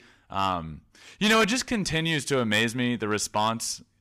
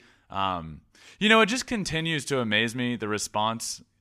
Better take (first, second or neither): second